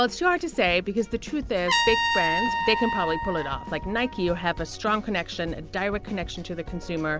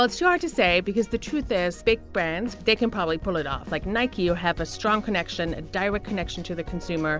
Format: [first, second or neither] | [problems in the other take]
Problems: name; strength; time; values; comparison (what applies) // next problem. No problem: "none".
second | background sound (Trumpet); 5 dB below the speech